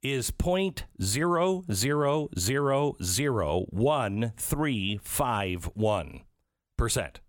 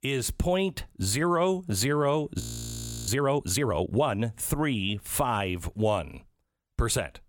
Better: first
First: none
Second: audio freezing; at 2.5 s for 0.5 s

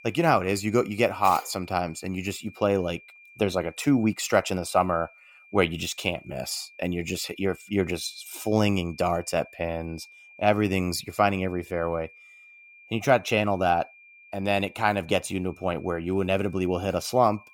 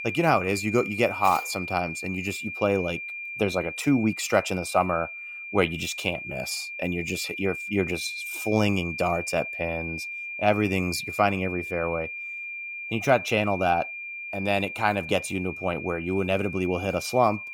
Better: first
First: high-pitched whine; faint; throughout; 2.5 kHz, 25 dB below the speech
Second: high-pitched whine; loud; throughout; 2.5 kHz, 7 dB below the speech

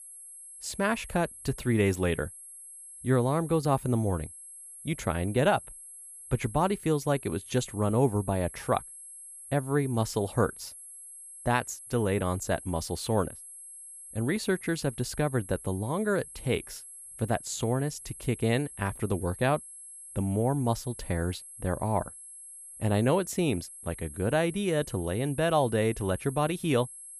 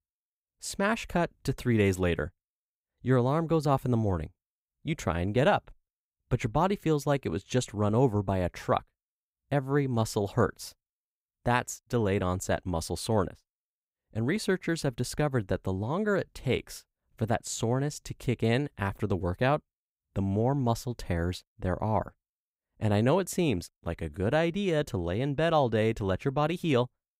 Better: second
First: high-pitched whine; noticeable; throughout; 11 kHz, 15 dB below the speech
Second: none

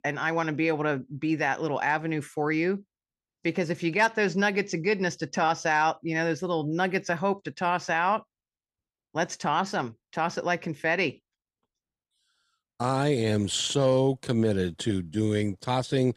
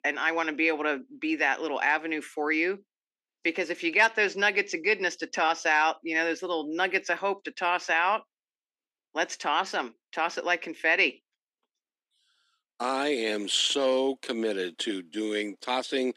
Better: first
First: none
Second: thin; somewhat; fading below 250 Hz

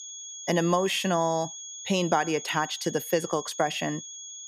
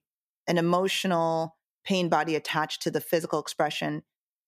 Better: second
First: high-pitched whine; noticeable; throughout; 6.5 kHz, 10 dB below the speech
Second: none

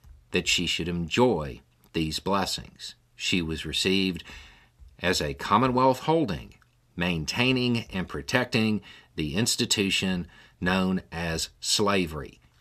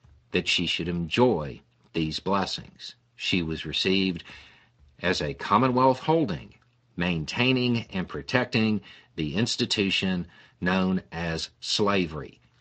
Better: first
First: none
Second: garbled, watery; slightly; nothing above 8 kHz

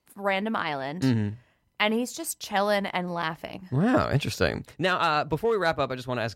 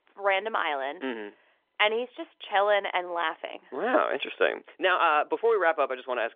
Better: first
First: none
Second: phone-call audio; nothing above 3.5 kHz

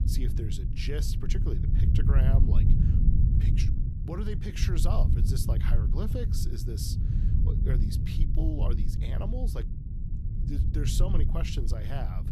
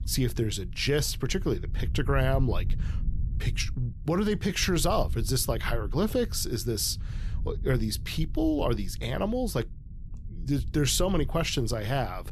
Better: second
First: low rumble; loud; throughout; 2 dB below the speech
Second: low rumble; faint; throughout; 20 dB below the speech

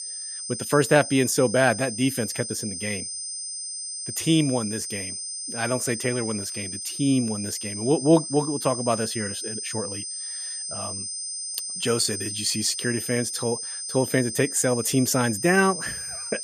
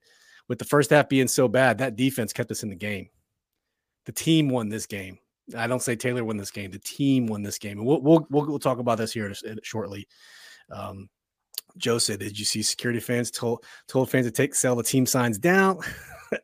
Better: second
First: high-pitched whine; loud; throughout; 8.5 kHz, 6 dB below the speech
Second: none

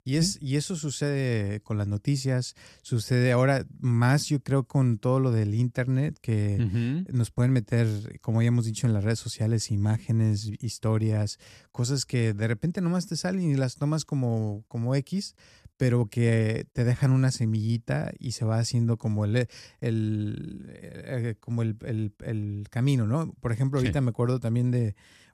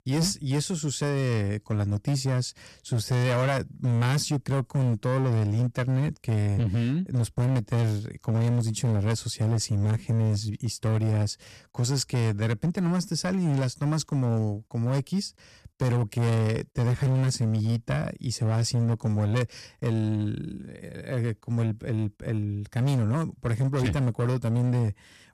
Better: first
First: none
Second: distortion; slight; 15% of the sound clipped

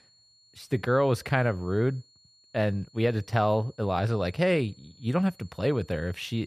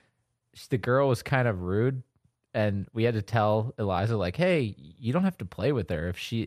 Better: second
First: high-pitched whine; faint; throughout; 4.5 kHz, 30 dB below the speech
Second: none

